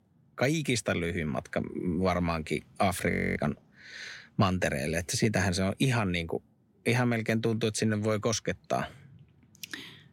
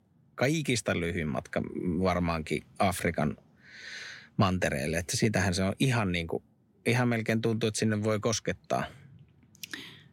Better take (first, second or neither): second